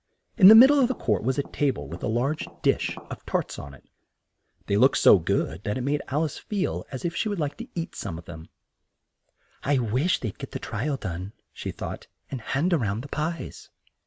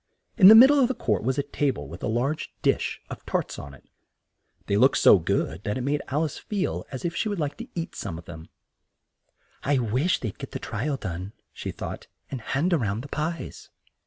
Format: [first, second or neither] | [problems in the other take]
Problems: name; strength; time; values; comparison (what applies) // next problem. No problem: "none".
second | background sound (Tap); 19 dB below the speech